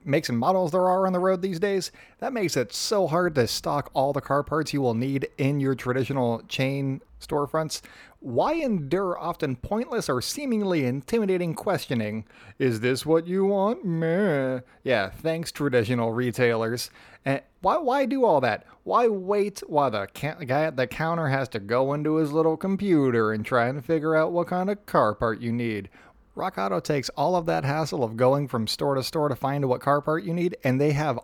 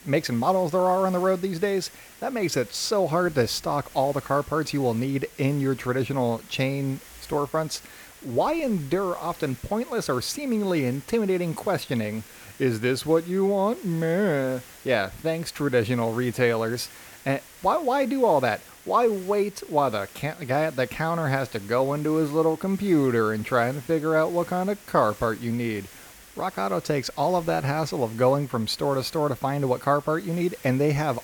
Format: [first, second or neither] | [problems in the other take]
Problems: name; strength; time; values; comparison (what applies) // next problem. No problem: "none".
first | hiss; faint; throughout; 20 dB below the speech